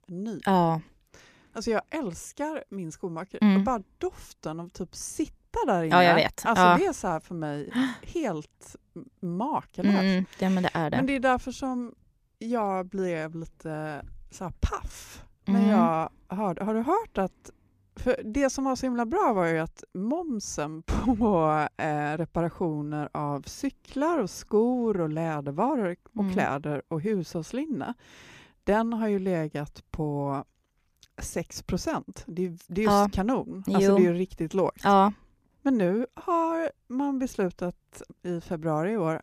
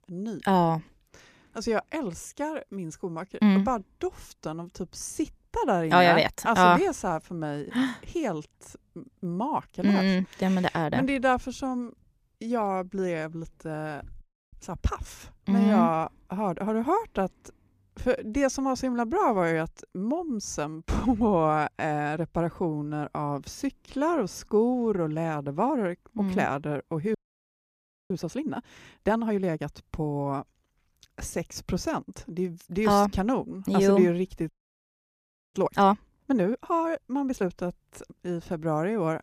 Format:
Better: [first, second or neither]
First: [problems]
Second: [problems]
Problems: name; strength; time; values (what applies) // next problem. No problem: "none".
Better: first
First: none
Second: audio freezing; at 14 s, at 27 s for 1 s and at 34 s for 1 s